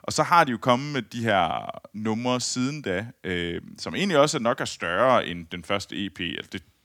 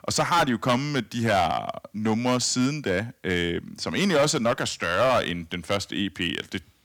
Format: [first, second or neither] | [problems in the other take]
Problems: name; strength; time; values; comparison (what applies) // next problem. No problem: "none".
first | distortion; heavy; 6% of the sound clipped